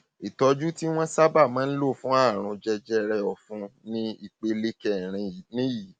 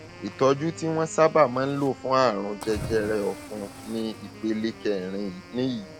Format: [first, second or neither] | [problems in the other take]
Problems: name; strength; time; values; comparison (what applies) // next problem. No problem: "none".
first | background sound (Cricket / Waves, surf + Wind instrument, woodwind instrument); 15 dB below the speech